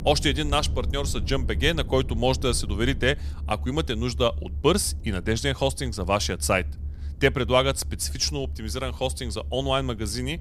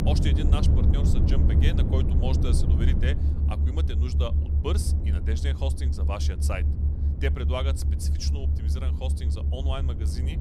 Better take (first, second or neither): first